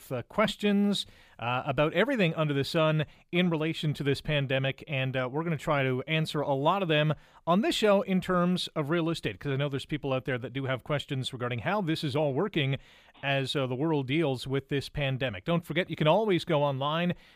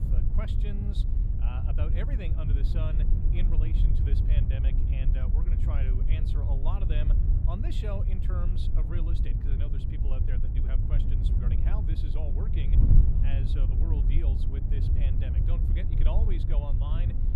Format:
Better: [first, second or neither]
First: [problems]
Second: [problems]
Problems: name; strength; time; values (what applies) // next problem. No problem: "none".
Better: first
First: none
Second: wind noise on the microphone; heavy; as loud as the speech